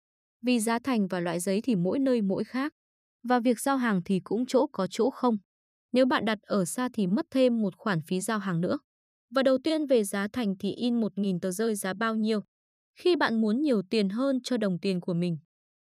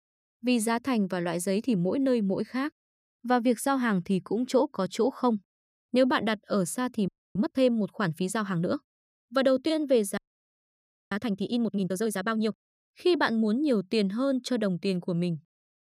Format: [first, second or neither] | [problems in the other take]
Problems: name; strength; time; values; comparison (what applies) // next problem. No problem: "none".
first | audio freezing; at 7 s and at 10 s for 1 s